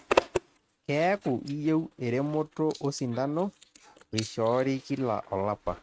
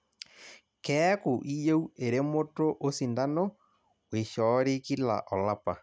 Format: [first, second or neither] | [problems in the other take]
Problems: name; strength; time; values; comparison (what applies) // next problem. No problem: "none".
second | noise reduction (neural mask model RNNoise)